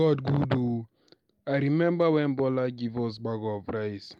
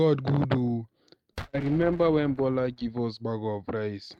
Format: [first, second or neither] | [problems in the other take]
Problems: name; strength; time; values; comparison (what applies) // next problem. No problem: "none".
first | noise reduction (neural mask model RNNoise)